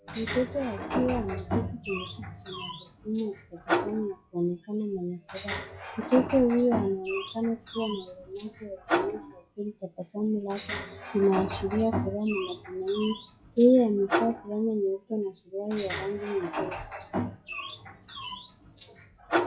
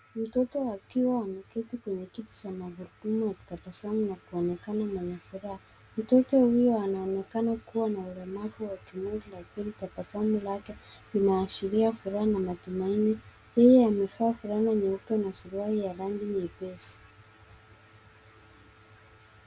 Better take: second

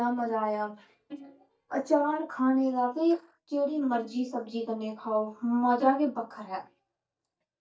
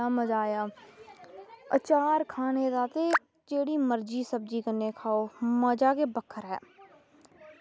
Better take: second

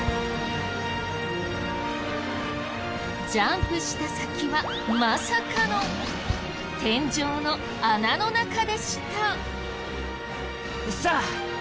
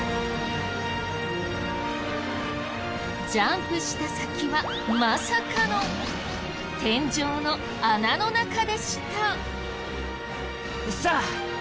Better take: second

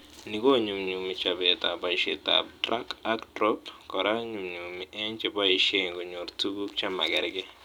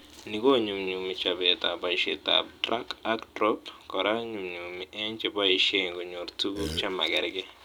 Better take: first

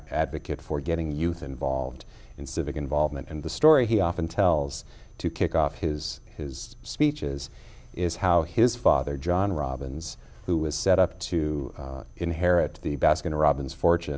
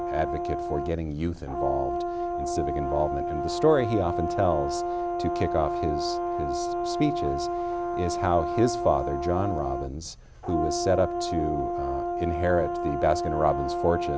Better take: first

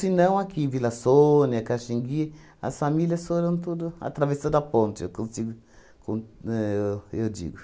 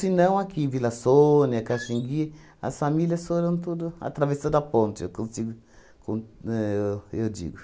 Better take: first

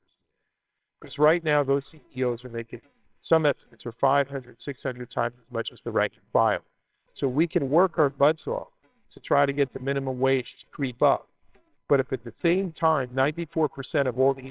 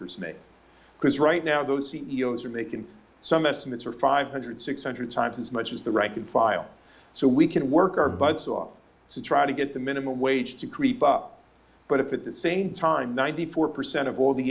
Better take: second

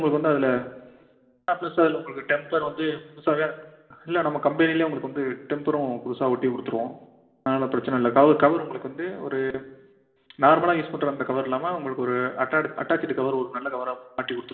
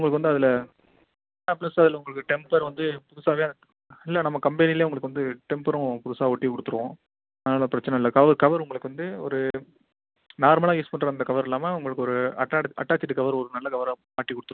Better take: second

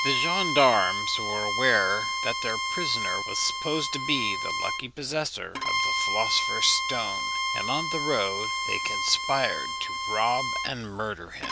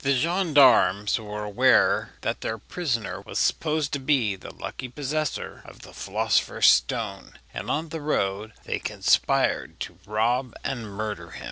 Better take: second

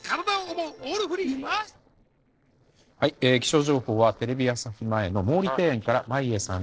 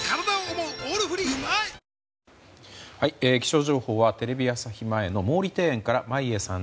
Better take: second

